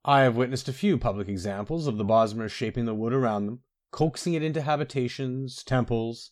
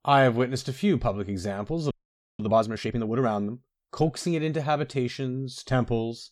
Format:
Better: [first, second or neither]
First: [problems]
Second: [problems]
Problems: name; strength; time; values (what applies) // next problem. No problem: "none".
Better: first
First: none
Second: audio freezing; at 2 s